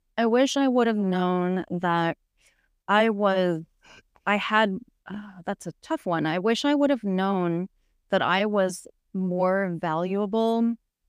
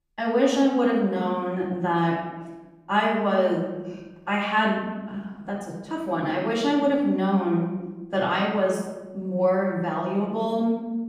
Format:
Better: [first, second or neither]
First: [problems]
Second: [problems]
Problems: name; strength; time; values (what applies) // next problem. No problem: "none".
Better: first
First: none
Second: off-mic speech; far // room echo; noticeable; dies away in 1.1 s